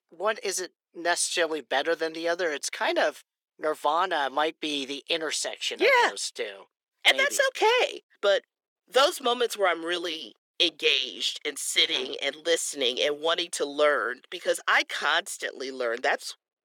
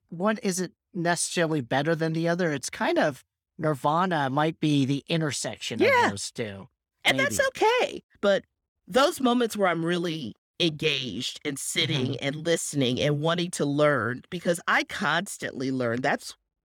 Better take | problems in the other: second | thin; very; fading below 400 Hz

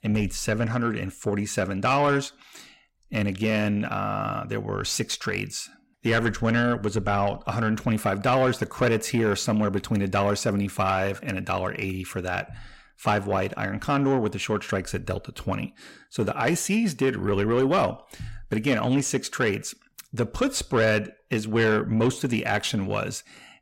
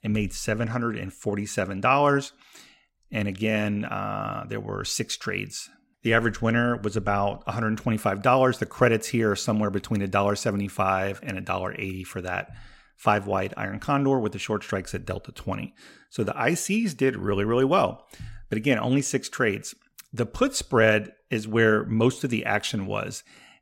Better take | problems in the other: second | distortion; slight; 10 dB below the speech

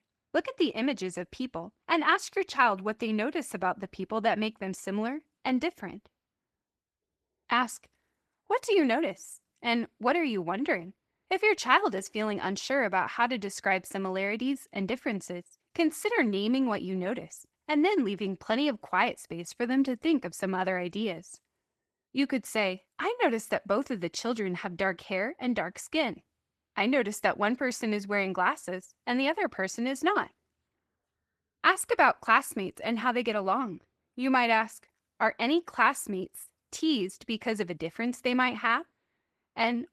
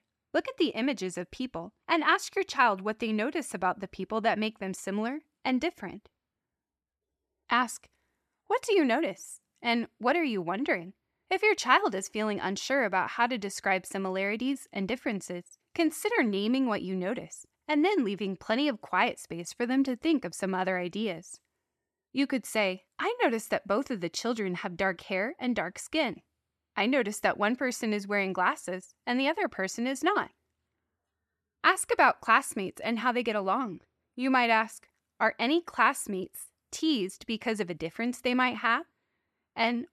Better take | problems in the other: second | garbled, watery; slightly; nothing above 13.5 kHz

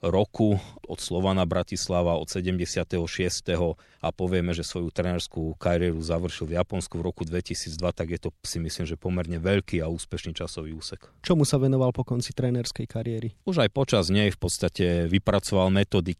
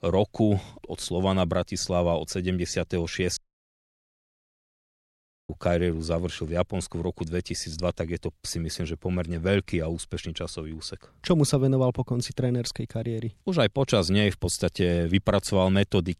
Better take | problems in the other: first | audio cutting out; at 3.5 s for 2 s

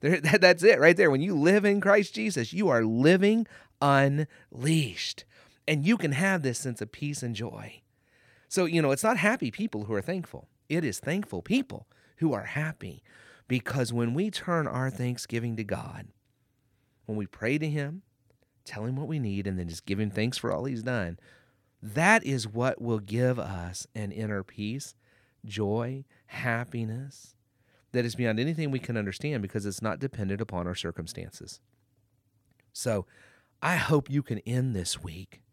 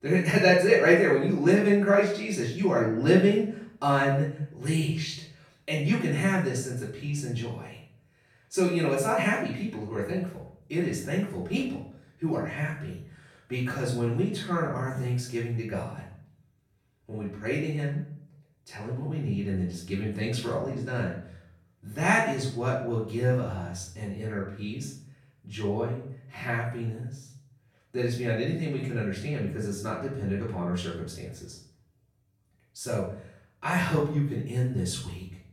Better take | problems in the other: first | off-mic speech; far // room echo; noticeable; dies away in 0.5 s

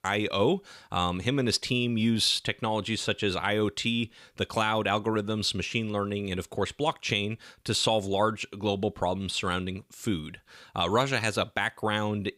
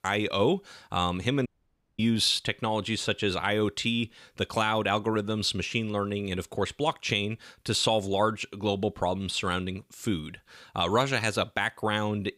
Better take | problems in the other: first | audio cutting out; at 1.5 s for 0.5 s

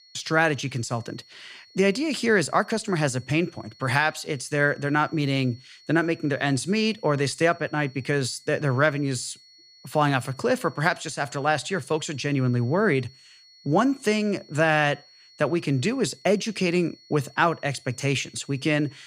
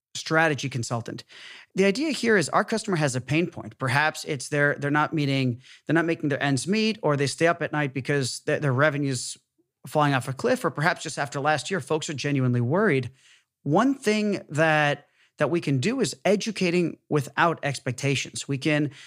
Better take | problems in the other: second | high-pitched whine; faint; throughout; 4.5 kHz, 25 dB below the speech

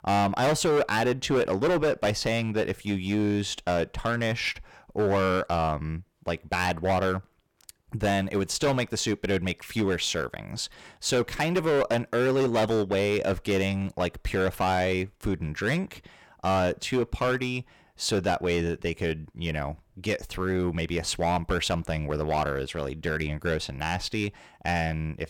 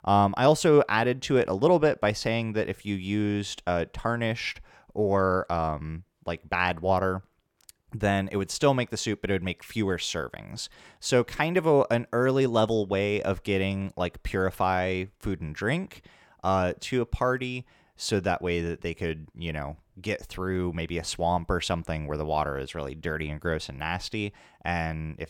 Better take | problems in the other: second | distortion; heavy; 10% of the sound clipped

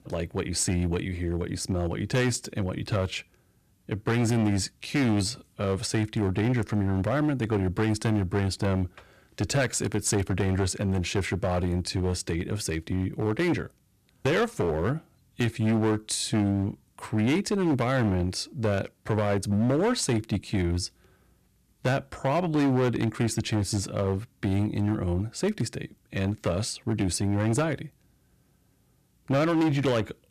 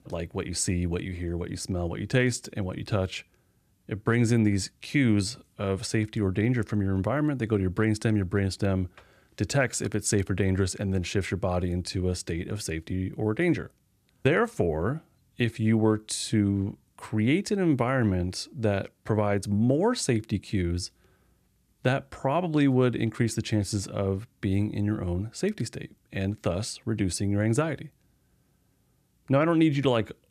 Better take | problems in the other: second | distortion; slight; 10% of the sound clipped

